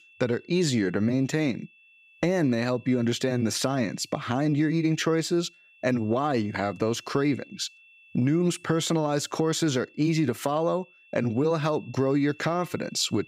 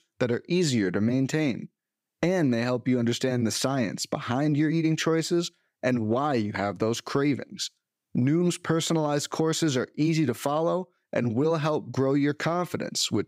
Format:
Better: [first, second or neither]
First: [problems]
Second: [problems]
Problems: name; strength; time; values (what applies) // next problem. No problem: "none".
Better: second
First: high-pitched whine; faint; throughout; 2.5 kHz, 25 dB below the speech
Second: none